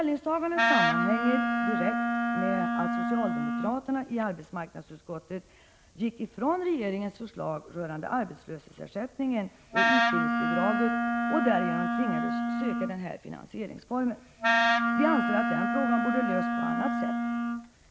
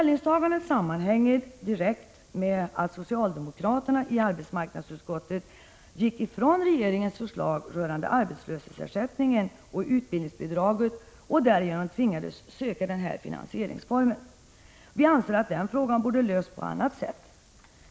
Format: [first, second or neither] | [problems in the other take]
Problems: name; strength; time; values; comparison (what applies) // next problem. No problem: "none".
second | background sound (Wind instrument, woodwind instrument); 4 dB above the speech